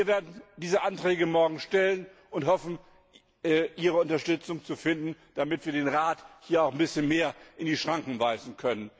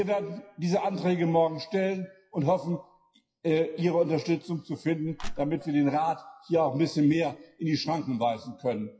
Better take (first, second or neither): first